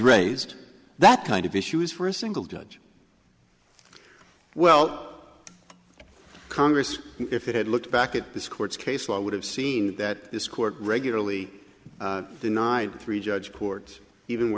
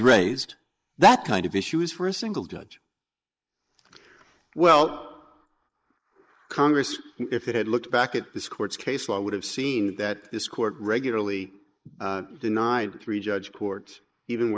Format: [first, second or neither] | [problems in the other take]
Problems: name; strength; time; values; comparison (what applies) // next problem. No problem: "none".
first | noise reduction (neural mask model Resemble Enhance denoiser)